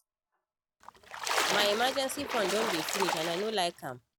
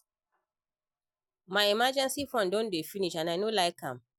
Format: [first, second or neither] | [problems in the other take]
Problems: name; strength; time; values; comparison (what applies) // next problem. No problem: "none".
second | background sound (Splash, splatter); 1 dB below the speech